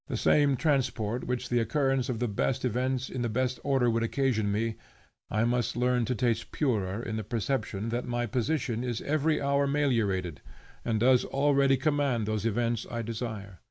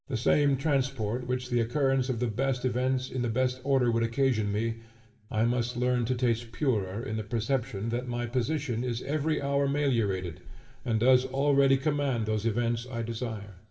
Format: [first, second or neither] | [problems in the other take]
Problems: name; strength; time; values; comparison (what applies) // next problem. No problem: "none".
first | room echo; dies away in 0.8 s